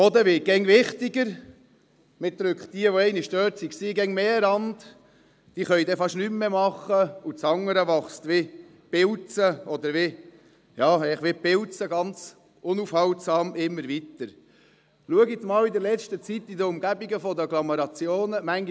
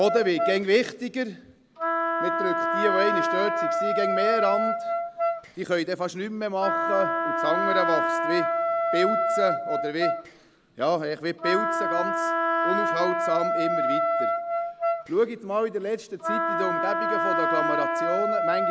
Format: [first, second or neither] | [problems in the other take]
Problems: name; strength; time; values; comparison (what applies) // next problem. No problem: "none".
first | background sound (Wind instrument, woodwind instrument); 2 dB above the speech